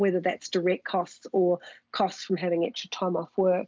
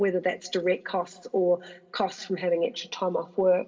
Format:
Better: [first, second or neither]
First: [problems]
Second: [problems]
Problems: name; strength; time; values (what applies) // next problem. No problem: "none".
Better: first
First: none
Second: room echo; dies away in 0.3 s